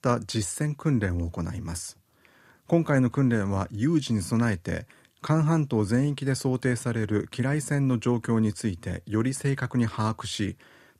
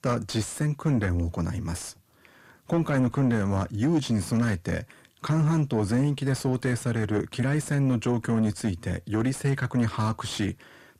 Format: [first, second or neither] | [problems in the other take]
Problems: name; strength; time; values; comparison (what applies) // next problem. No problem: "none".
first | distortion; slight; 10 dB below the speech